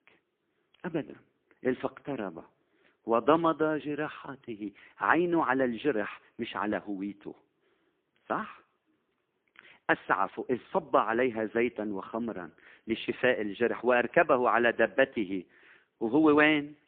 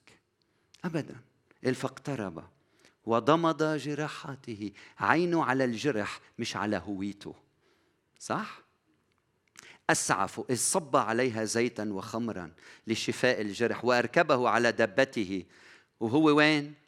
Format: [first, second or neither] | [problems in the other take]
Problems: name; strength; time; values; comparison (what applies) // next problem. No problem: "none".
second | phone-call audio; poor line